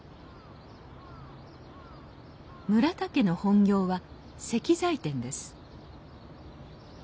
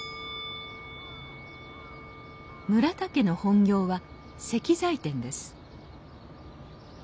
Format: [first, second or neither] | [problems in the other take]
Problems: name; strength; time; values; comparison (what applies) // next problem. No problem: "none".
first | background sound (Musical instrument); 17 dB below the speech